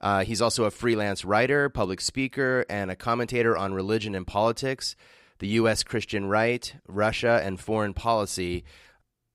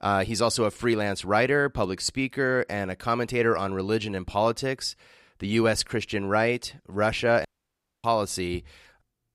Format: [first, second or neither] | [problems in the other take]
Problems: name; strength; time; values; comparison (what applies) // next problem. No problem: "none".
first | audio cutting out; at 7.5 s for 0.5 s